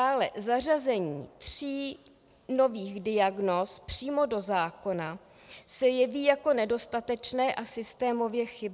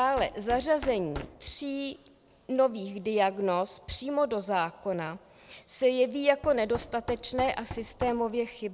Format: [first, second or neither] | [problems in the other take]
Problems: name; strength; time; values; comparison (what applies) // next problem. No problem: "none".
first | background sound (Knock); 17 dB below the speech